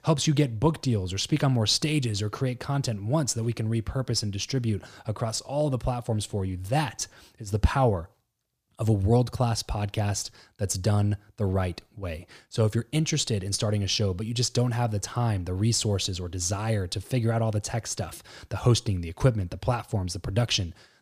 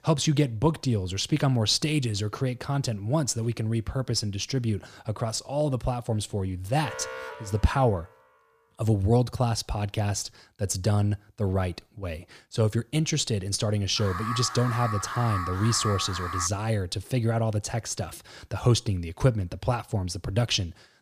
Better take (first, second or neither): first